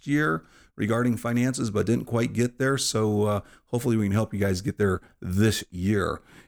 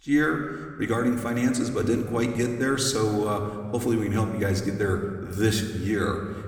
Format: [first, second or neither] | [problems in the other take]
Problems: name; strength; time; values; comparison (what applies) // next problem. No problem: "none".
first | room echo; slight; dies away in 1.5 s // off-mic speech; somewhat distant